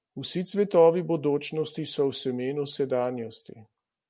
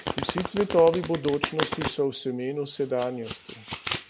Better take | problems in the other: first | background sound (Domestic sounds, home sounds); 7 dB below the speech

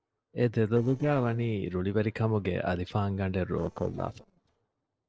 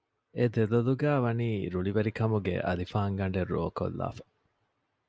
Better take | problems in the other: second | noise reduction (neural separator model SepFormer DNS4)

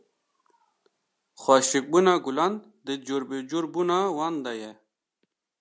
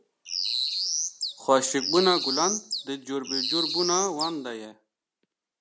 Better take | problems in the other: first | background sound (Bird); 1 dB below the speech

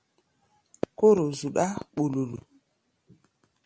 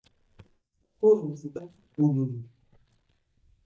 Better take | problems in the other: first | noise reduction (neural mask model DeepFilterNet 3)

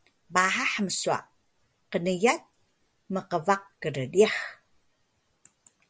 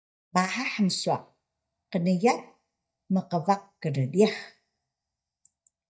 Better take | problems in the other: first | noise reduction (neural mask model DeepFilterNet 3)

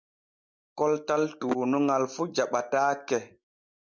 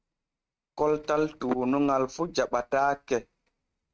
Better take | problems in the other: first | noise reduction (neural mask model RNNoise)

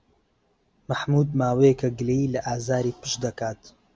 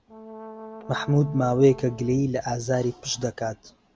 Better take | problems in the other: first | background sound (Brass instrument); 17 dB below the speech

